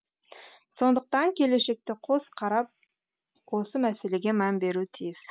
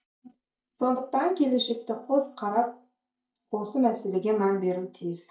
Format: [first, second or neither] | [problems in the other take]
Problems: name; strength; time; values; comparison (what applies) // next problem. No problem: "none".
first | noise reduction (neural mask model DeepFilterNet 3)